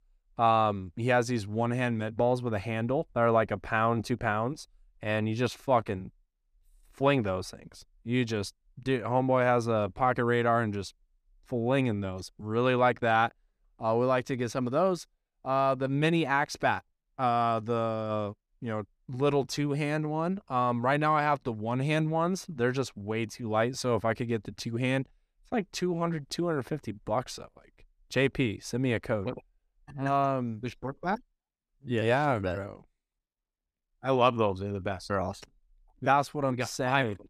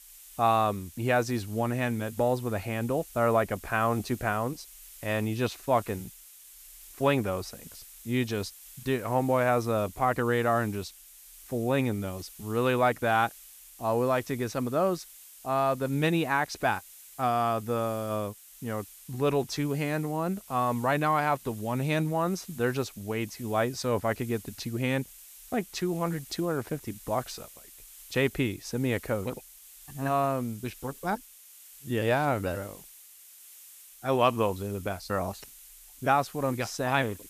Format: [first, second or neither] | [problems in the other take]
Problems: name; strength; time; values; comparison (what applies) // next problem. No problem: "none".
first | hiss; noticeable; throughout; 20 dB below the speech